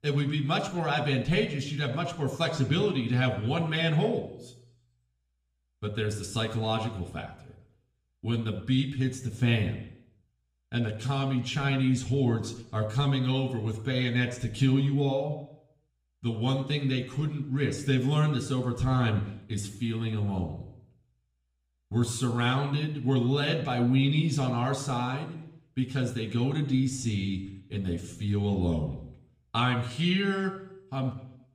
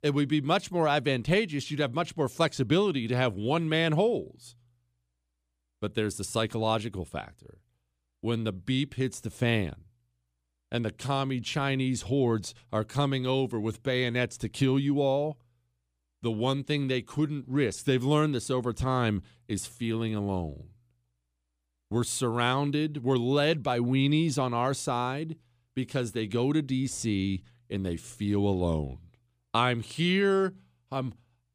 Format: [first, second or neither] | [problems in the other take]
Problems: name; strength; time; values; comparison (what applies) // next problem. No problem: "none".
second | room echo; slight; dies away in 0.7 s // off-mic speech; somewhat distant